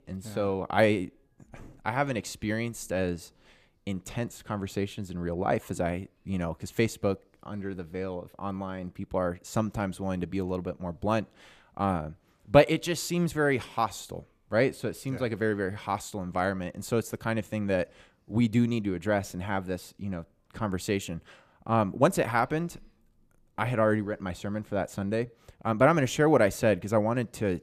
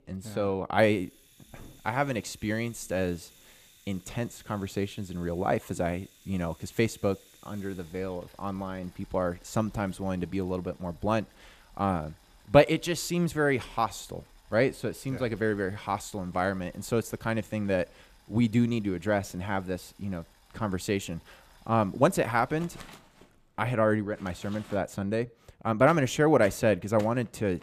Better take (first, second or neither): first